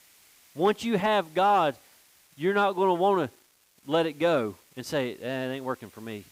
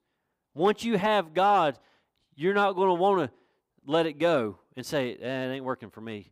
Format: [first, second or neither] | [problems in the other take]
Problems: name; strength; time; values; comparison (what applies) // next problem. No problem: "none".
second | hiss; faint; throughout; 30 dB below the speech